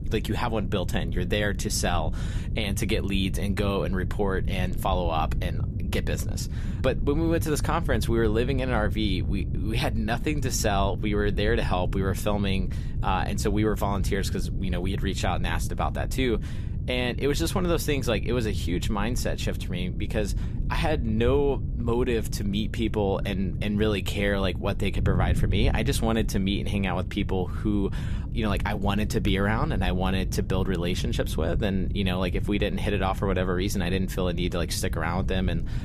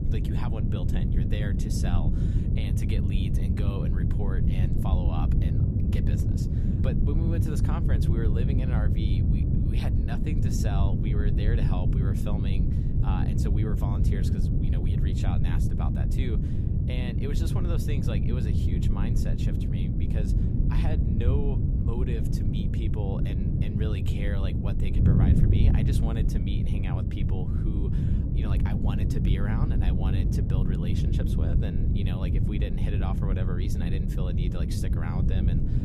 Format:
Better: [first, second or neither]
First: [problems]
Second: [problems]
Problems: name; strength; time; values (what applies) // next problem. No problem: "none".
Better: first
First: wind noise on the microphone; occasional gusts; 15 dB below the speech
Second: wind noise on the microphone; heavy; 2 dB above the speech